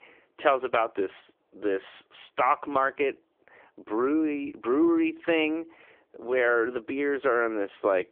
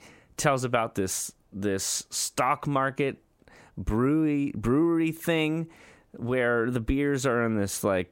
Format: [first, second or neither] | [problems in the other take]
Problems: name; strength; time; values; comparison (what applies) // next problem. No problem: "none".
second | phone-call audio; poor line